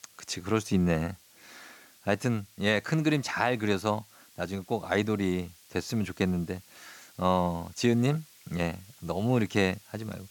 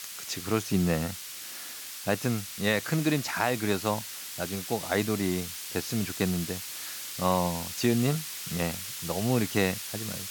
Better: first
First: hiss; faint; throughout; 25 dB below the speech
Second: hiss; loud; throughout; 6 dB below the speech

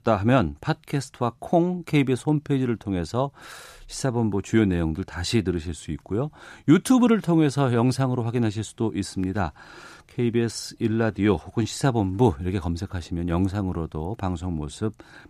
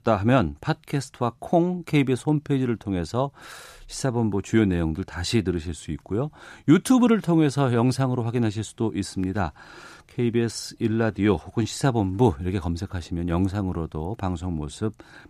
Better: neither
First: none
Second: none

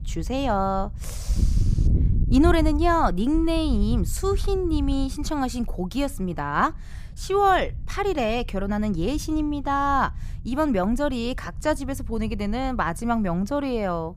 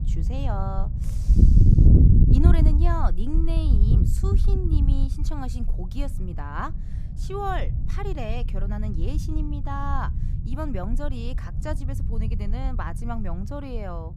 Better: first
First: low rumble; faint; throughout; 20 dB below the speech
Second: low rumble; loud; throughout; 3 dB below the speech

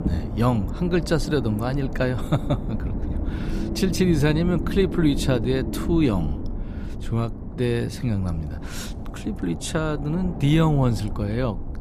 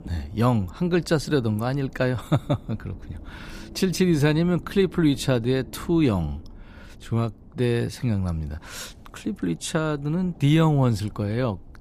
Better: second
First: low rumble; loud; throughout; 10 dB below the speech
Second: low rumble; faint; throughout; 25 dB below the speech

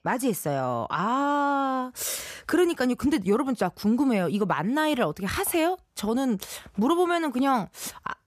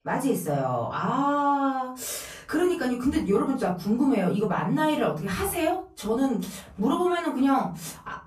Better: first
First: none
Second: off-mic speech; far // room echo; slight; dies away in 0.5 s

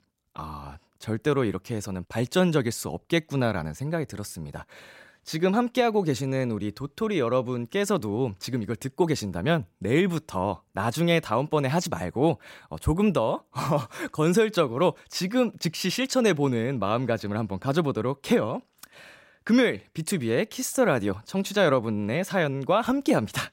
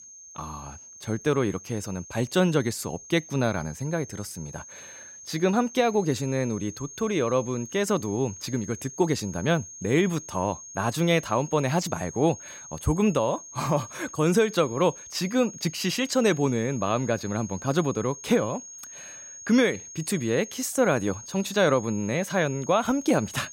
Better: first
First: none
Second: high-pitched whine; noticeable; throughout; 6.5 kHz, 15 dB below the speech

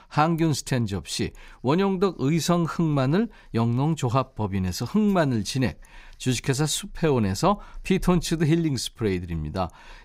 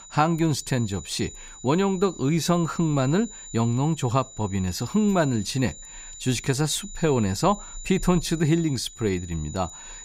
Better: first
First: none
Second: high-pitched whine; noticeable; throughout; 7 kHz, 15 dB below the speech

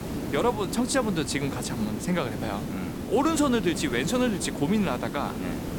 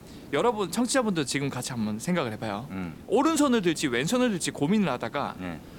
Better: second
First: hiss; loud; throughout; 6 dB below the speech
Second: hiss; faint; throughout; 20 dB below the speech

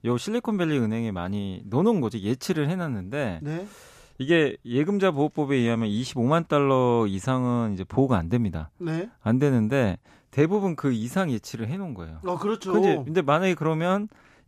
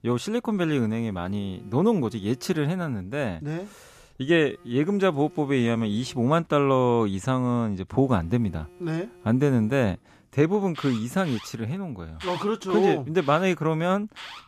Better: first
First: none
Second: alarms or sirens; faint; throughout; 20 dB below the speech

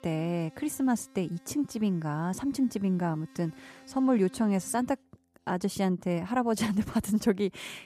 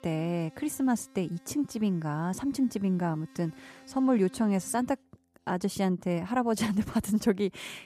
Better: neither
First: background music; faint; throughout; 25 dB below the speech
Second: background music; faint; throughout; 25 dB below the speech

